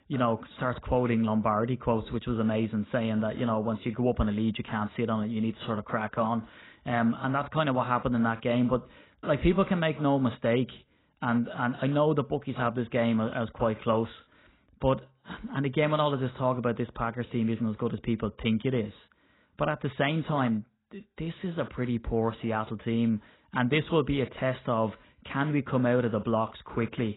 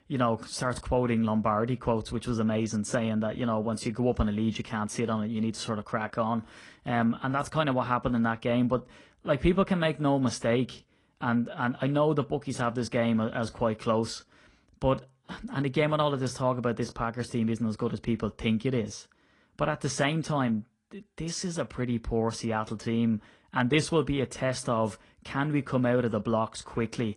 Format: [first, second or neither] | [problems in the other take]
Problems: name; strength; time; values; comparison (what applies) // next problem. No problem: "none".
second | garbled, watery; badly; nothing above 4 kHz; slightly in the second